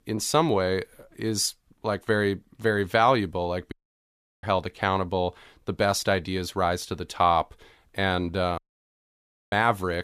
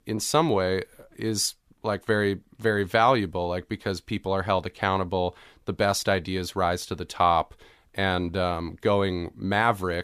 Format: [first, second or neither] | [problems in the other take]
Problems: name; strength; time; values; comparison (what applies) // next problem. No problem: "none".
second | audio cutting out; at 3.5 s for 0.5 s and at 8.5 s for 1 s